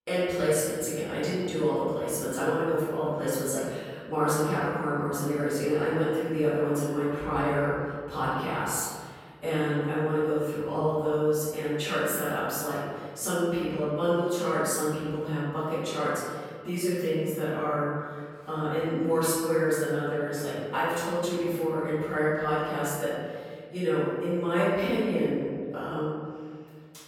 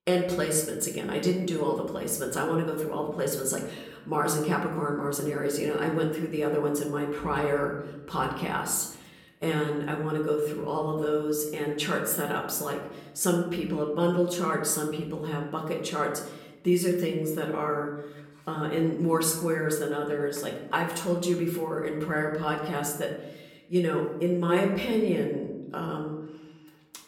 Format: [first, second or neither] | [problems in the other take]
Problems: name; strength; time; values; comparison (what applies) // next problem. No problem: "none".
second | room echo; strong; dies away in 1.8 s; slight in the second // off-mic speech; far; somewhat distant in the second